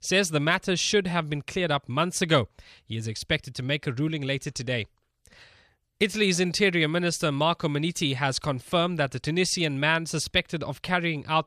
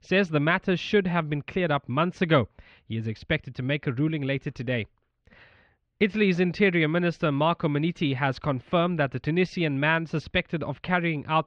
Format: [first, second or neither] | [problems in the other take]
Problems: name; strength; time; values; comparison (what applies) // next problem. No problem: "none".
first | muffled; very; fading above 2.5 kHz